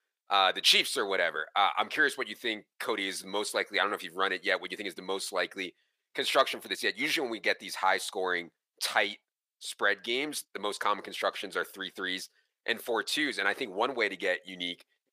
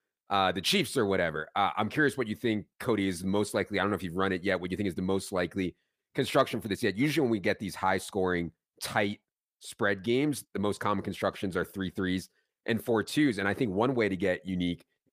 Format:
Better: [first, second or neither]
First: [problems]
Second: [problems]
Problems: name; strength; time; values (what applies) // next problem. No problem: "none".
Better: second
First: thin; somewhat; fading below 550 Hz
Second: none